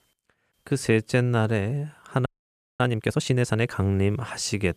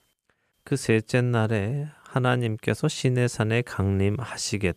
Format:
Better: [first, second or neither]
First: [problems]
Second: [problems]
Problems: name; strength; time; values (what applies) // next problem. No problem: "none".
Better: second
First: audio freezing; at 2.5 s for 0.5 s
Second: none